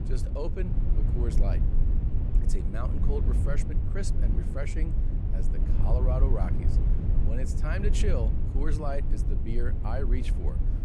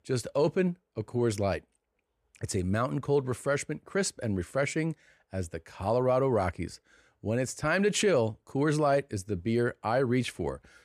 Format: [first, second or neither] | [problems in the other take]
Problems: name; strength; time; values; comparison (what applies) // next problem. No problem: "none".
second | low rumble; loud; throughout; 5 dB below the speech